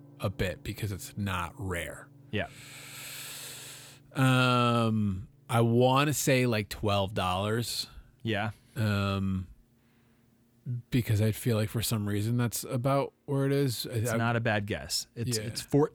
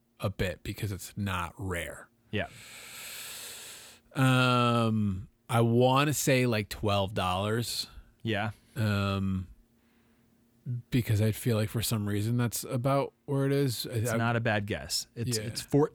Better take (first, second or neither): second